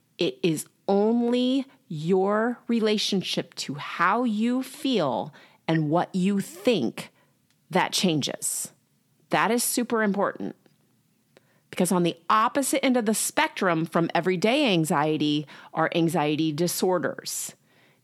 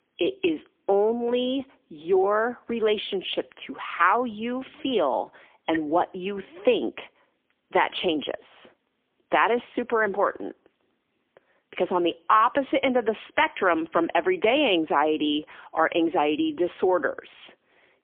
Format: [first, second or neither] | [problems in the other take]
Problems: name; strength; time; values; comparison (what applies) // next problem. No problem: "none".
first | phone-call audio; poor line; nothing above 3.5 kHz